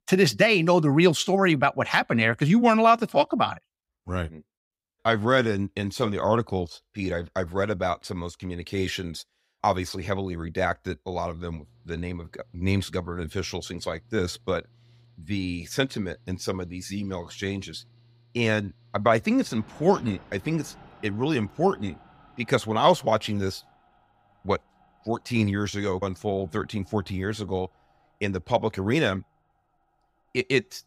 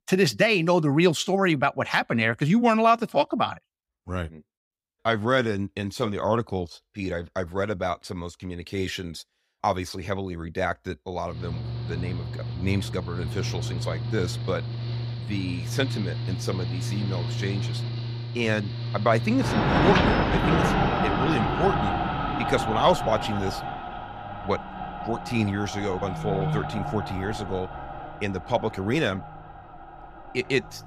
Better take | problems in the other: first | machinery noise; loud; from 11 s on; 2 dB below the speech; faint in the first

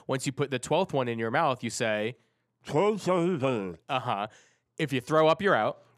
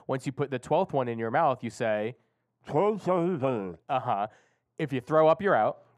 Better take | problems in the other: first | muffled; slightly; fading above 2.5 kHz

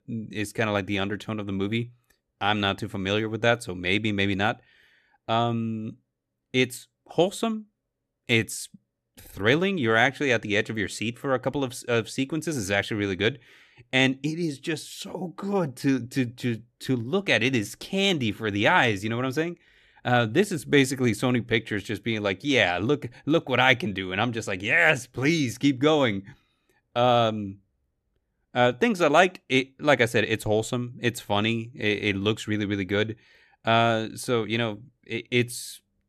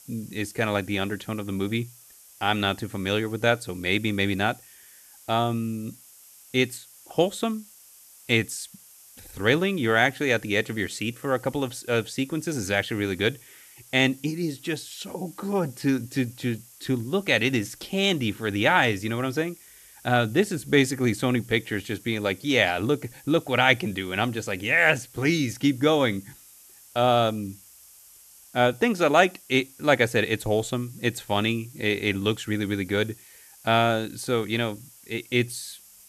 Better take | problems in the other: first | hiss; faint; throughout; 25 dB below the speech

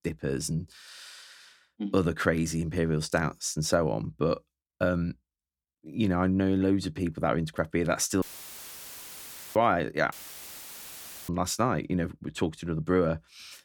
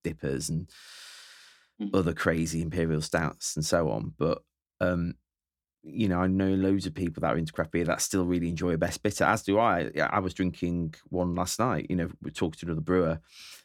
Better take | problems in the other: second | audio cutting out; filled with static; at 8 s for 1.5 s and at 10 s for 1 s

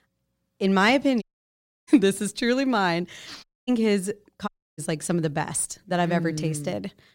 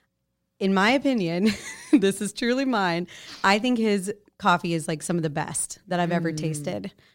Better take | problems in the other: second | audio cutting out; at 1 s for 0.5 s, at 3.5 s and at 4.5 s

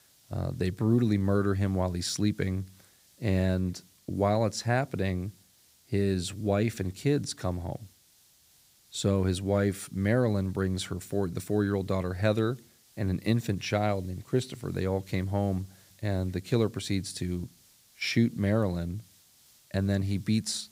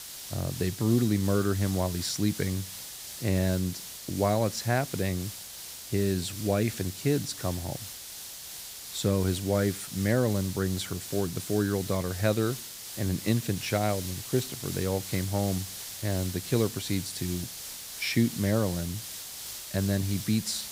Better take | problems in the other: first | hiss; loud; throughout; 9 dB below the speech; faint in the first

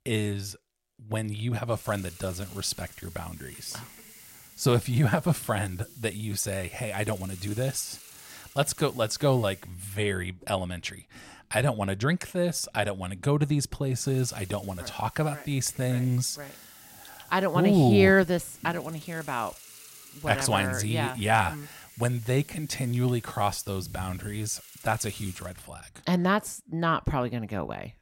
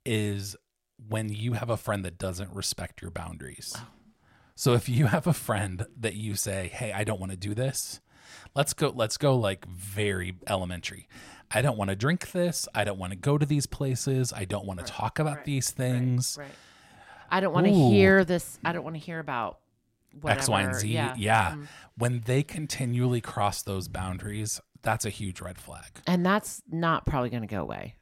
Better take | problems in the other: second | hiss; noticeable; from 2 to 9.5 s and from 14 to 25 s; 20 dB below the speech

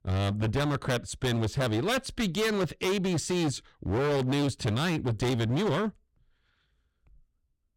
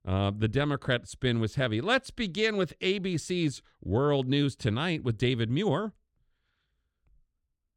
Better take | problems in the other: second | distortion; heavy; 22% of the sound clipped

